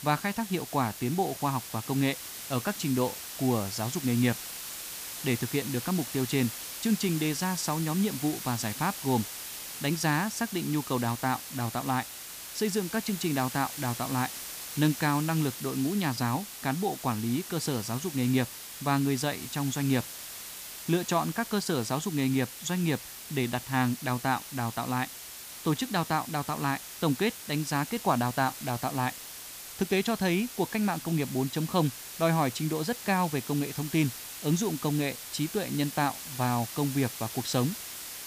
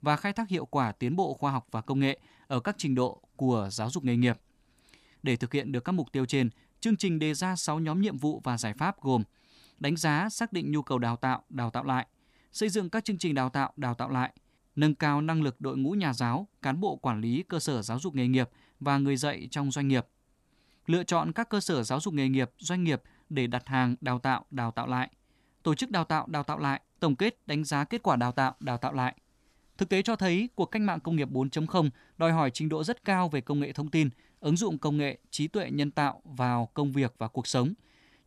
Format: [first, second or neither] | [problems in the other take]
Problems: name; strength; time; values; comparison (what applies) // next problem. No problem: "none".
second | hiss; loud; throughout; 8 dB below the speech